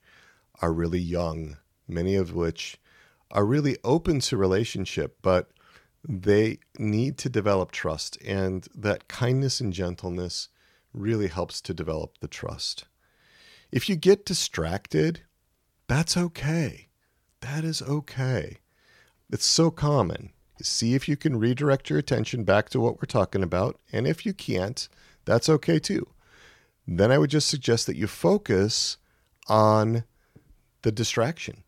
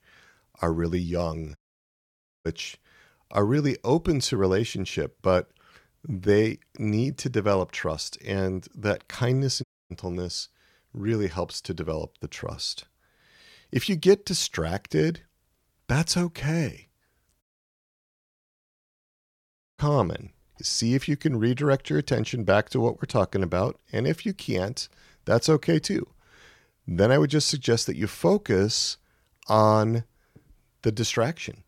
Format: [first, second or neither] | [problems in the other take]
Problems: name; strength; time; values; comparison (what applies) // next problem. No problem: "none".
first | audio cutting out; at 1.5 s for 1 s, at 9.5 s and at 17 s for 2.5 s